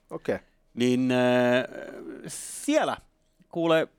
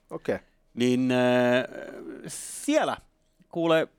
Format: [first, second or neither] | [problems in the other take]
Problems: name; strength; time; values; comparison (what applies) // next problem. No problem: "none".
neither | none